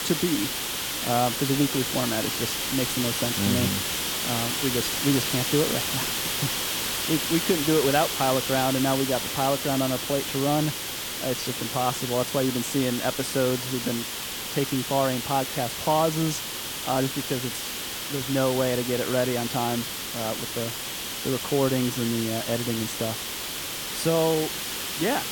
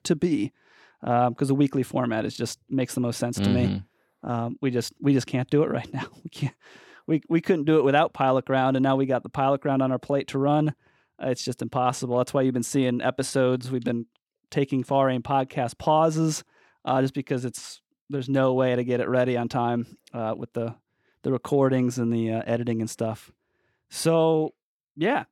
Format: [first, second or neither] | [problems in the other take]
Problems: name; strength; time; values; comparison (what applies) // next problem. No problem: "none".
second | hiss; loud; throughout; 1 dB below the speech